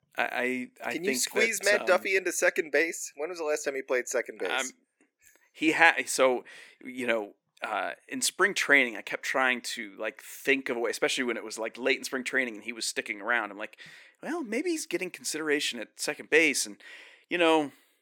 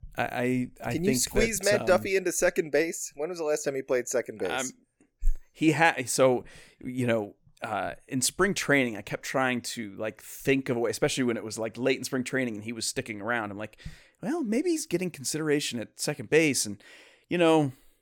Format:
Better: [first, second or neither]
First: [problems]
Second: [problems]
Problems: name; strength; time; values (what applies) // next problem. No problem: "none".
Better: second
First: thin; somewhat; fading below 250 Hz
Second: none